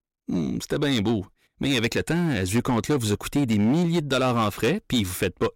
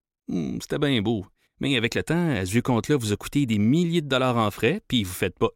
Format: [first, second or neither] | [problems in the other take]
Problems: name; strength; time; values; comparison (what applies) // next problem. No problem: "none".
second | distortion; slight; 11% of the sound clipped